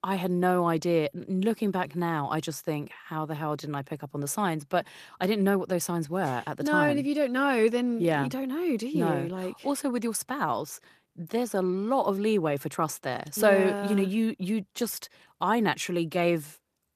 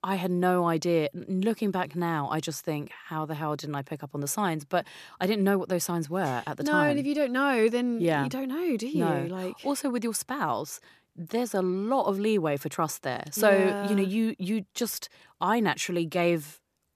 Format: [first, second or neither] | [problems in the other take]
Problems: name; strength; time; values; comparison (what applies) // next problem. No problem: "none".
second | garbled, watery; slightly; nothing above 14.5 kHz